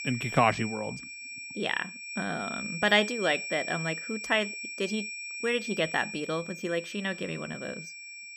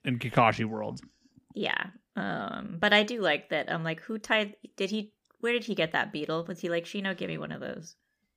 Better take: second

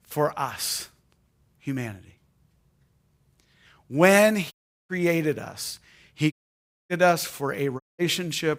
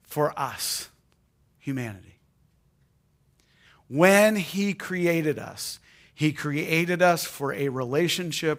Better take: second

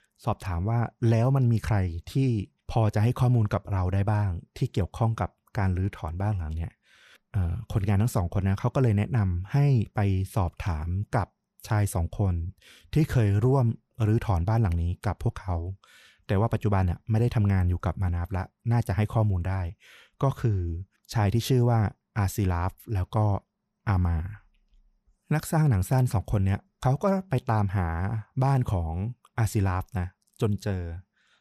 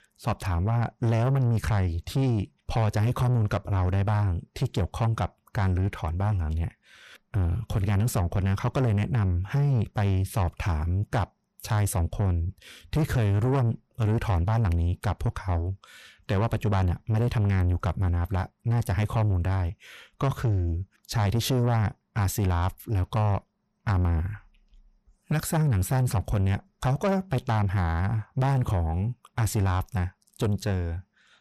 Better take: first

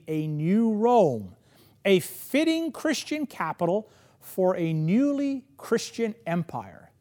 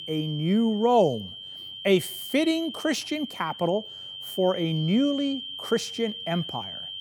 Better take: first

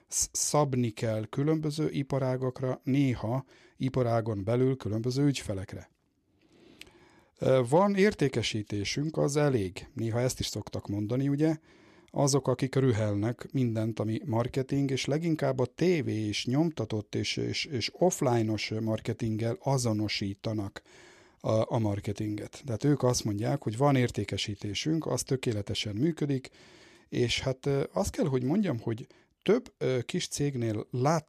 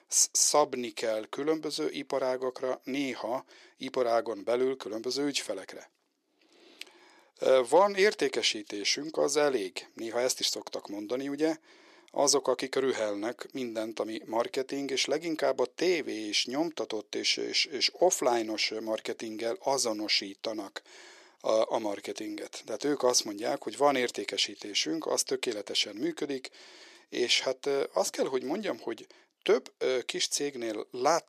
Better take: first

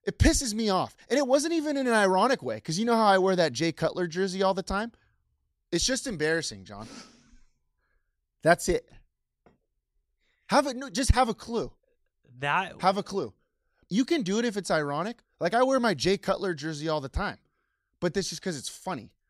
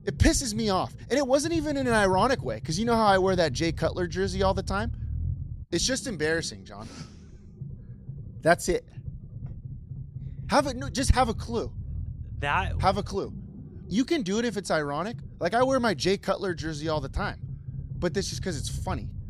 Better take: first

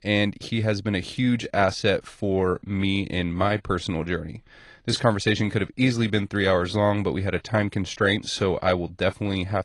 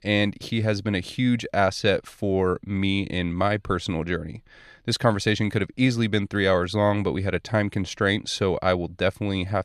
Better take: second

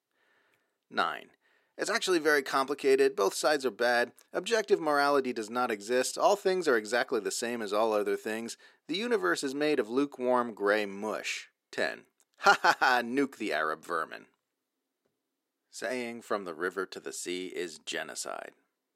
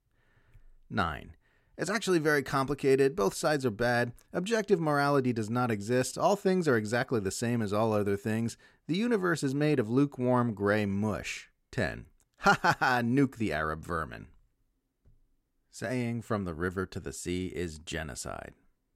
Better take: second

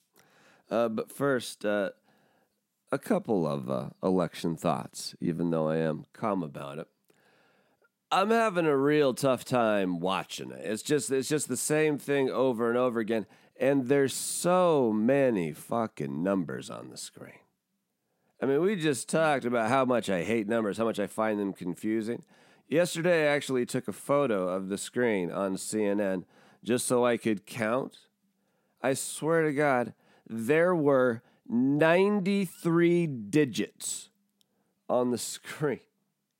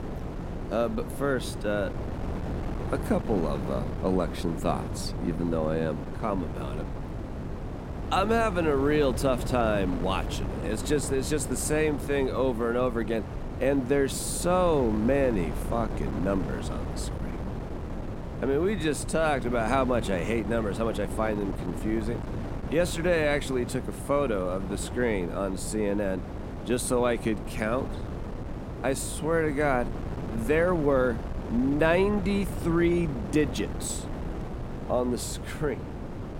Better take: first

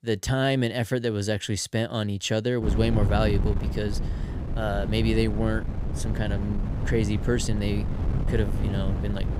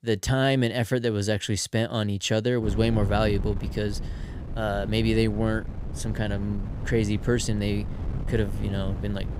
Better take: second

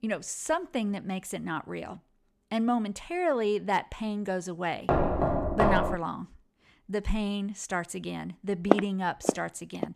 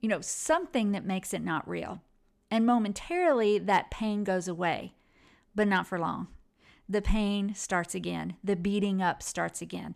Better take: second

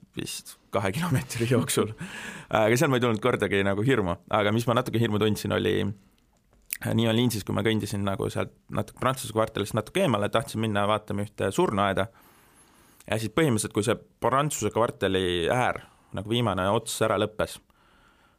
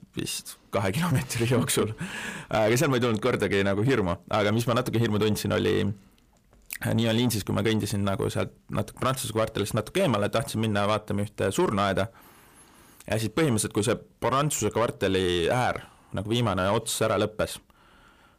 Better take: first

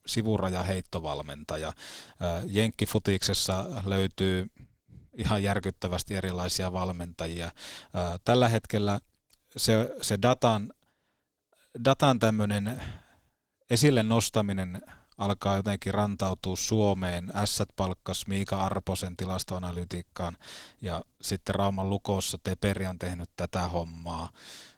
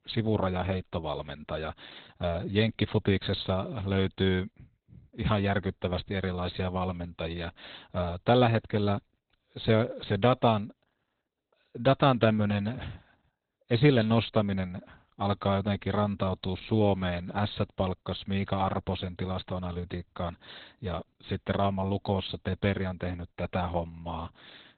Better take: first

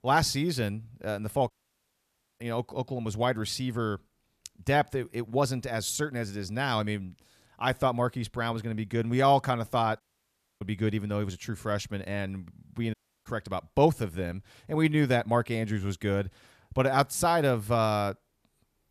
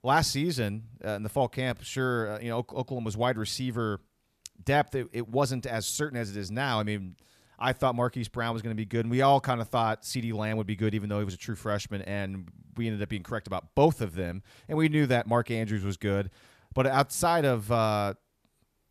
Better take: second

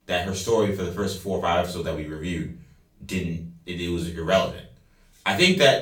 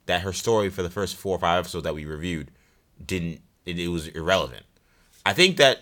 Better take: second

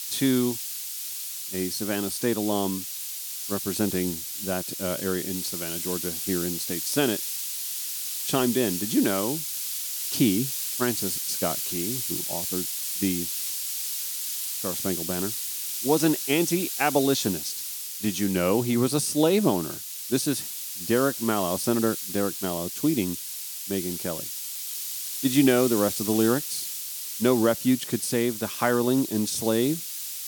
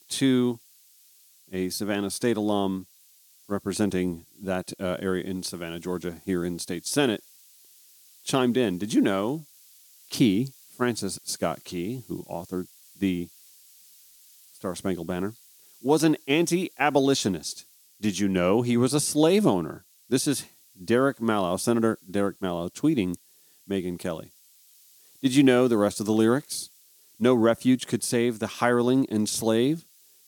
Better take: second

